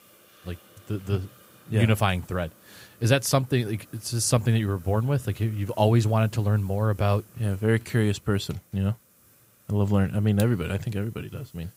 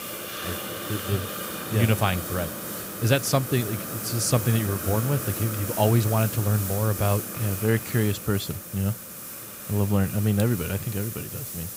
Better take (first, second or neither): first